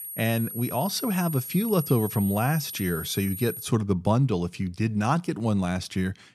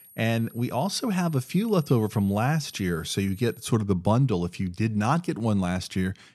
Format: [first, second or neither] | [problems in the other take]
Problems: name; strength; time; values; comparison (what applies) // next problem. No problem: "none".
second | high-pitched whine; loud; until 3.5 s; 11.5 kHz, 8 dB below the speech; faint in the second